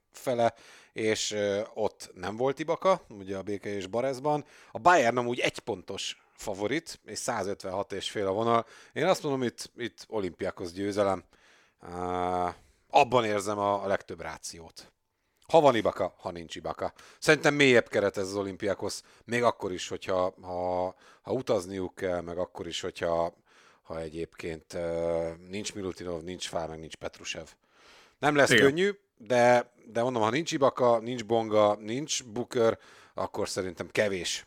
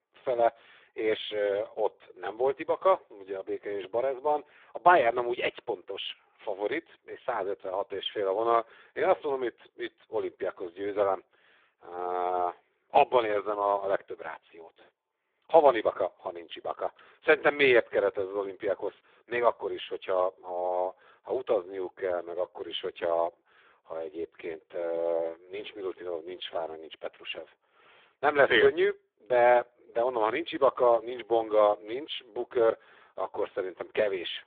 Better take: first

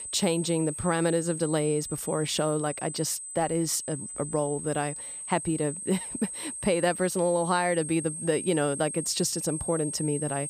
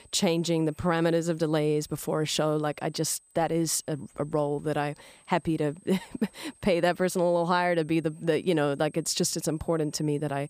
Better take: second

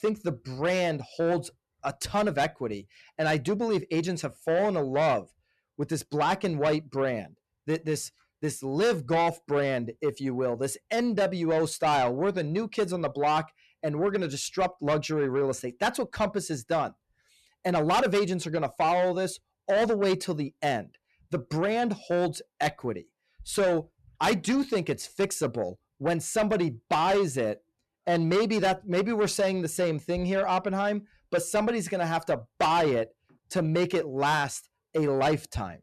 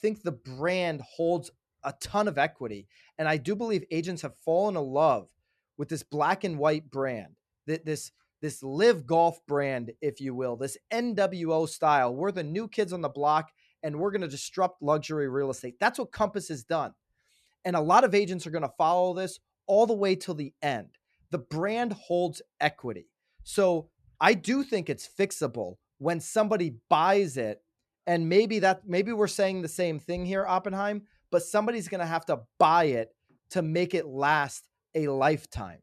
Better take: second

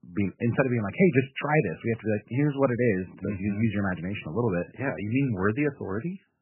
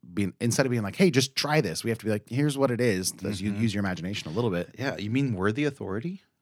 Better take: second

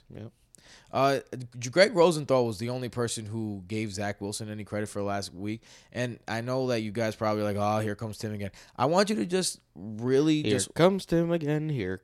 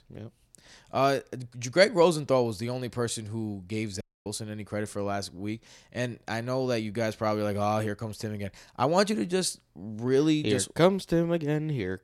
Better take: first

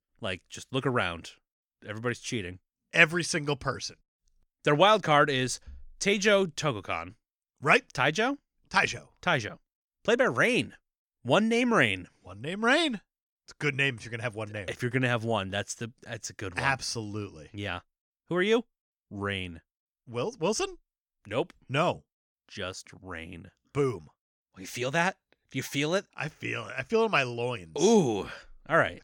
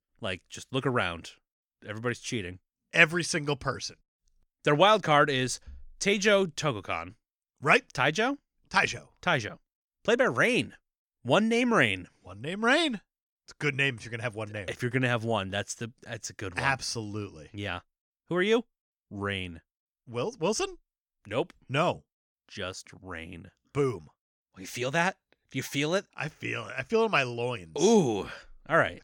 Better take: neither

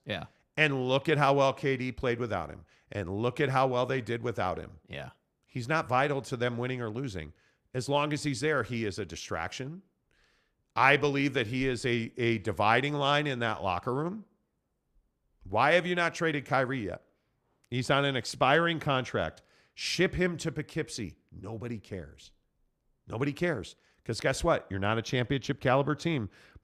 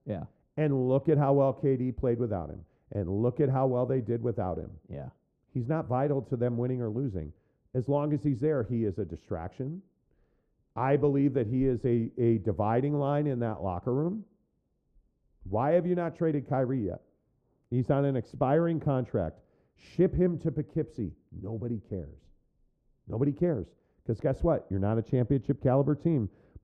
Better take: first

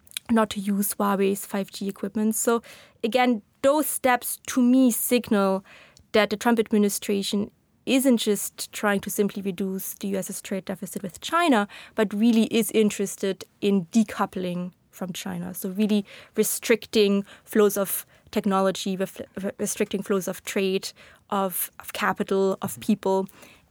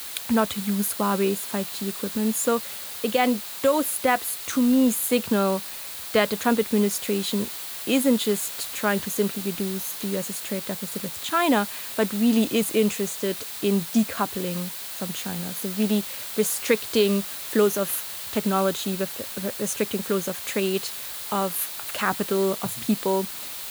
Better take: first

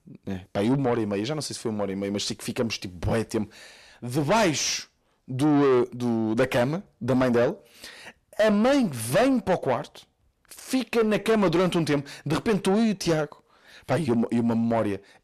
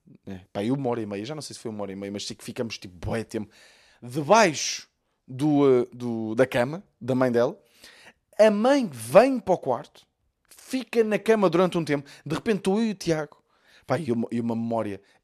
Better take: second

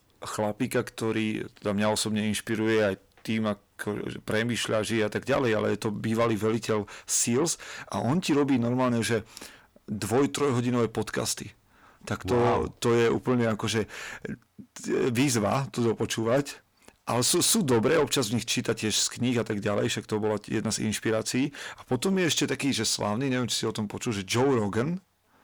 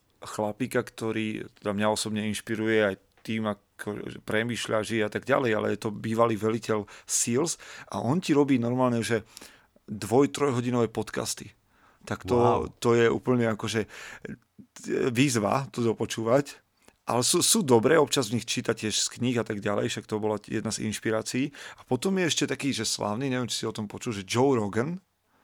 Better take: second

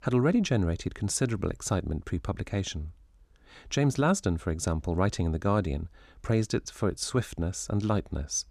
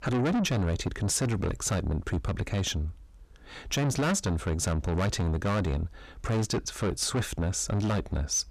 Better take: first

